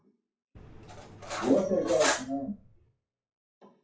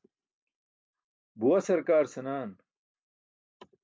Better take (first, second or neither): second